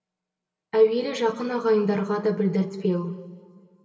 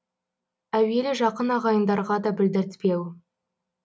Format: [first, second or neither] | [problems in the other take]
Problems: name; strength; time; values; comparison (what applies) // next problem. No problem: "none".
second | room echo; dies away in 2.7 s